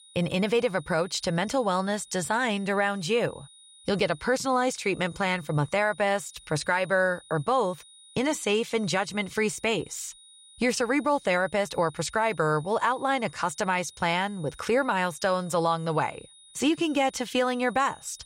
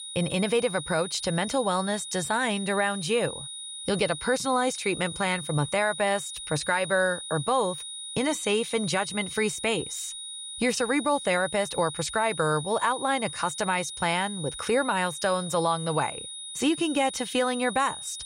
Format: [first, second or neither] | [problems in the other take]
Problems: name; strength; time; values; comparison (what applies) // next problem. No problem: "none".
first | high-pitched whine; loud; throughout; 3.5 kHz, 8 dB below the speech; faint in the first